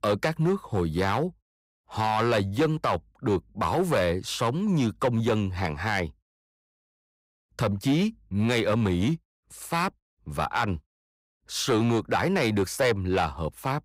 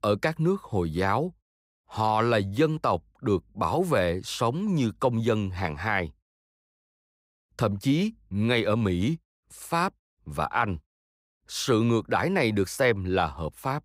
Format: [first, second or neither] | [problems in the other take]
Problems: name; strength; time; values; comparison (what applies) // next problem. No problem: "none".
second | distortion; slight; 6% of the sound clipped